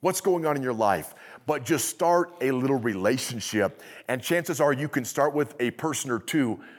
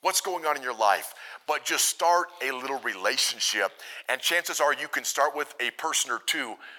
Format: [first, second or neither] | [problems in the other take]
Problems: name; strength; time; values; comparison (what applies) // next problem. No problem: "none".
first | thin; very; fading below 850 Hz